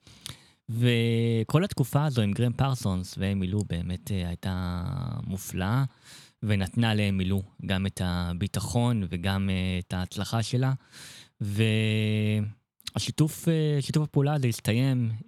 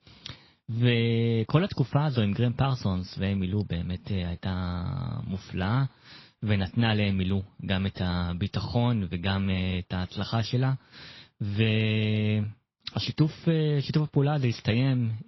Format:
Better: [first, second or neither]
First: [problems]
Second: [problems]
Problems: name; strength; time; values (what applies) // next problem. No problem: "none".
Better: first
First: none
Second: garbled, watery; slightly; nothing above 5.5 kHz